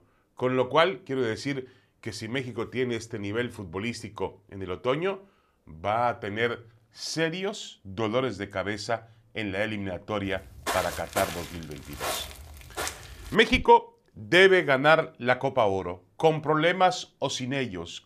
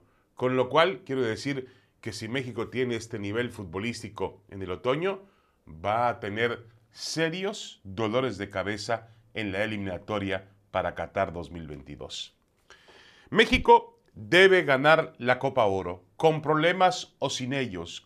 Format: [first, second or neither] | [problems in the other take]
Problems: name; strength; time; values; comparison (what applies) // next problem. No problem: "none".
second | footsteps; noticeable; from 10 to 13 s; peak 5 dB below the speech